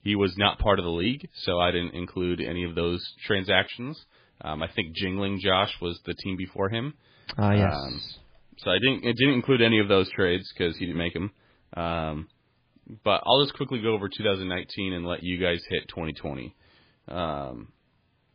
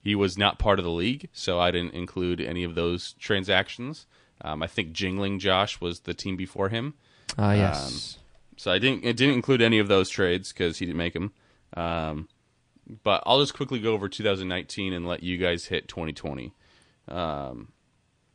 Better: second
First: garbled, watery; badly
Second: garbled, watery; slightly

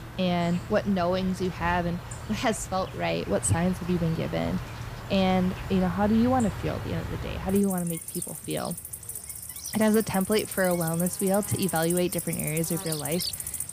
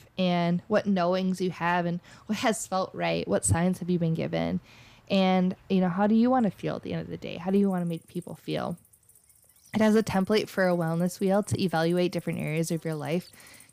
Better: second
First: animal sounds; loud; throughout; 7 dB below the speech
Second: animal sounds; faint; throughout; 30 dB below the speech

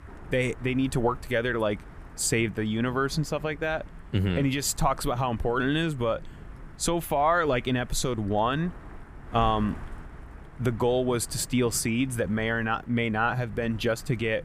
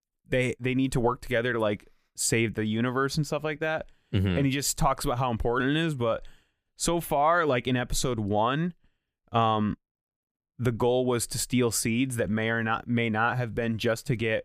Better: second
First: wind noise on the microphone; occasional gusts; 20 dB below the speech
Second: none

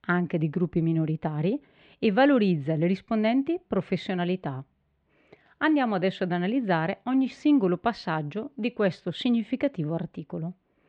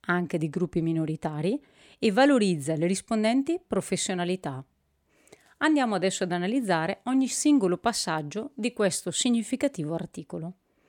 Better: second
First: muffled; slightly; fading above 3.5 kHz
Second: none

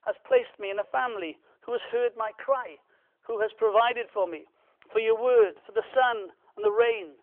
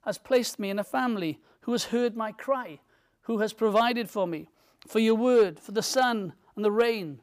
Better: second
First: phone-call audio; nothing above 3.5 kHz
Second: none

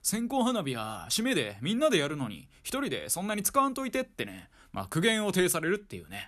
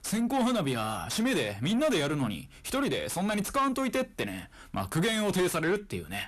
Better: first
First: none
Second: distortion; heavy; 6 dB below the speech

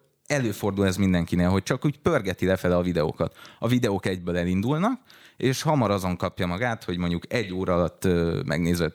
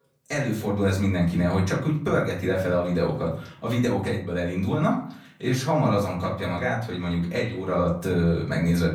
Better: first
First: none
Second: room echo; slight; dies away in 0.5 s // off-mic speech; far

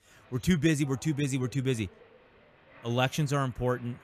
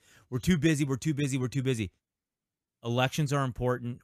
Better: second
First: crowd noise; faint; throughout; 25 dB below the speech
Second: none

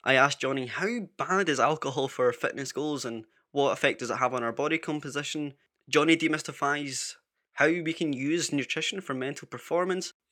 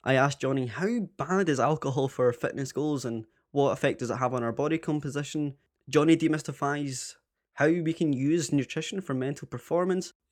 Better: second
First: thin; very slightly; fading below 700 Hz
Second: none

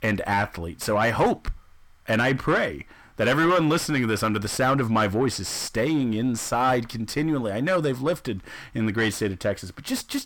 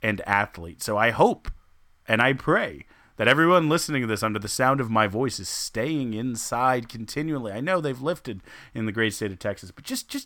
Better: second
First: distortion; heavy; 7 dB below the speech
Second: none

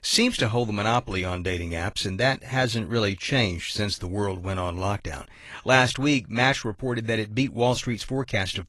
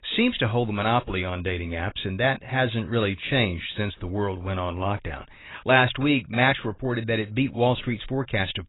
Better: first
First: garbled, watery; slightly; nothing above 11.5 kHz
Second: garbled, watery; badly; nothing above 4 kHz

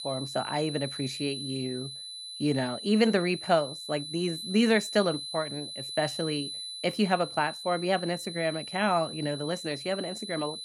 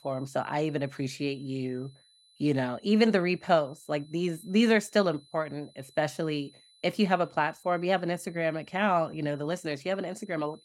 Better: second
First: high-pitched whine; loud; throughout; 4 kHz, 8 dB below the speech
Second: high-pitched whine; faint; throughout; 4 kHz, 30 dB below the speech

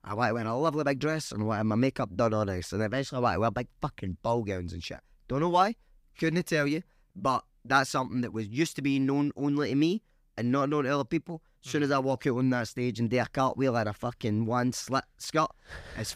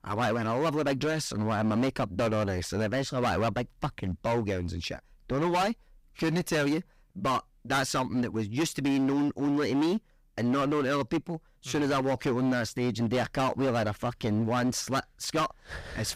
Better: first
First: none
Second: distortion; heavy; 16% of the sound clipped

